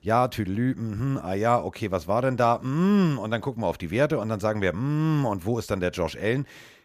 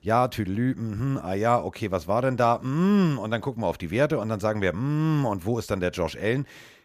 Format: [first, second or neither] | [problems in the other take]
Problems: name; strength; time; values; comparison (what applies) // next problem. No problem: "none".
neither | none